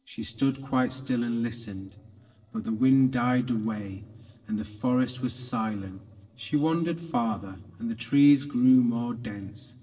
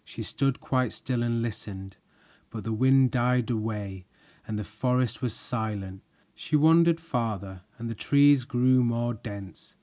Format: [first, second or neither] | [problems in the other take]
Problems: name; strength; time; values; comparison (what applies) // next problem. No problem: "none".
second | noise reduction (neural separator model SepFormer DNS4)